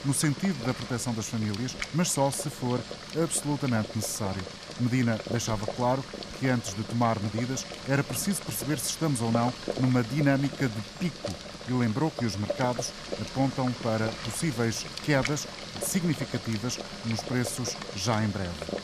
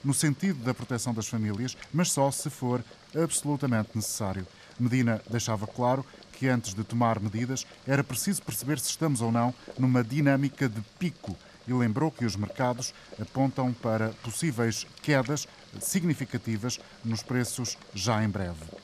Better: second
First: household noises; loud; throughout; 8 dB below the speech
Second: household noises; faint; throughout; 20 dB below the speech

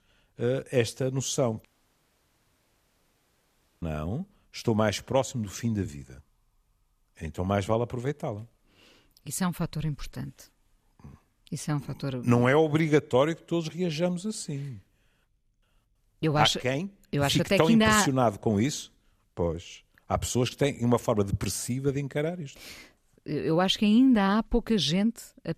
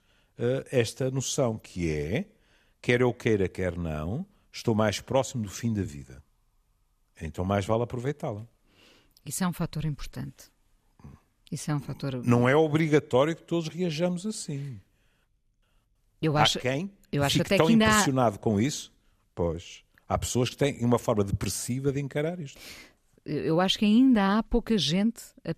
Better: second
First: audio cutting out; at 1.5 s for 2 s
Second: none

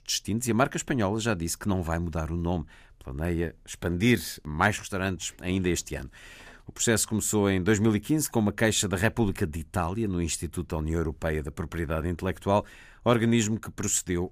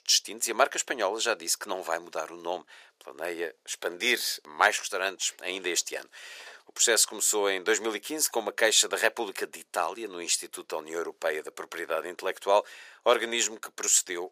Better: first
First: none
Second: thin; very; fading below 450 Hz

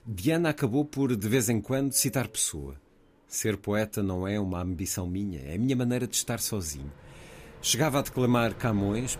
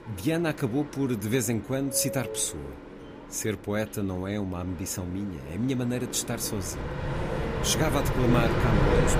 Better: first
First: train or aircraft noise; faint; throughout; 20 dB below the speech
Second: train or aircraft noise; loud; throughout; 2 dB below the speech

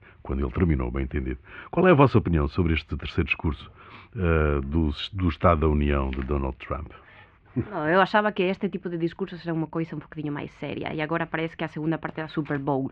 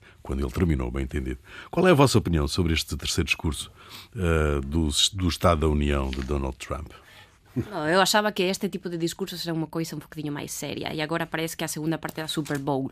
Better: second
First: muffled; very; fading above 2.5 kHz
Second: none

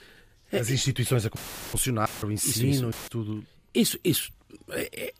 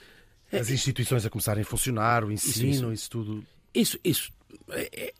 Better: second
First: audio cutting out; filled with static; at 1.5 s, at 2 s and at 3 s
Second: none

